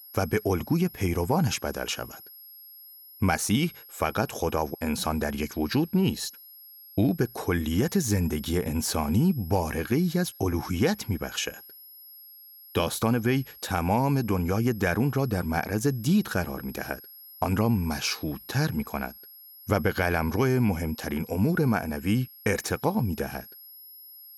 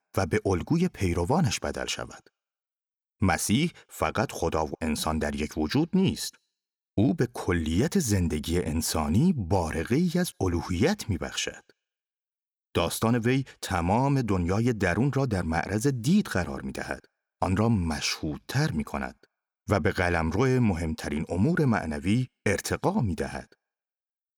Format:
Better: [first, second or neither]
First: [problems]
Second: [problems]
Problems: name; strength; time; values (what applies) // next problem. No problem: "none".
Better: second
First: high-pitched whine; noticeable; throughout; 11.5 kHz, 20 dB below the speech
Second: none